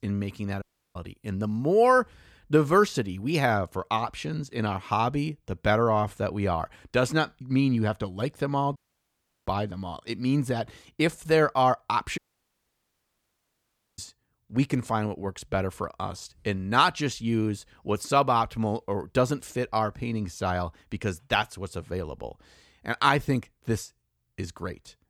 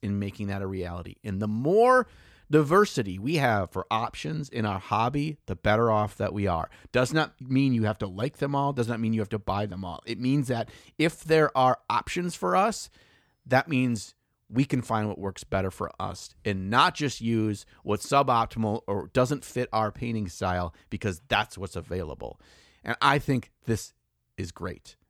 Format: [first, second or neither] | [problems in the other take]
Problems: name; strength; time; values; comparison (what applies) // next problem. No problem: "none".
second | audio cutting out; at 0.5 s, at 9 s for 0.5 s and at 12 s for 2 s